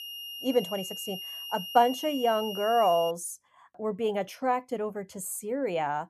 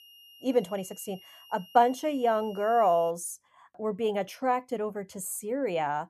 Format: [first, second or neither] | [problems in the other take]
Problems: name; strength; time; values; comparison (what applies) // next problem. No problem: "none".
second | high-pitched whine; loud; until 3 s; 3 kHz, 8 dB below the speech; faint in the second